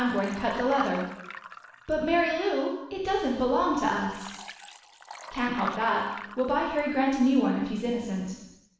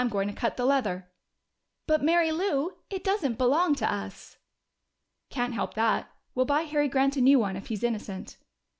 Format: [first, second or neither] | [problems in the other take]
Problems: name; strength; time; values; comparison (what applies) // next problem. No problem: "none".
second | background sound (Liquid); 15 dB below the speech // room echo; dies away in 0.9 s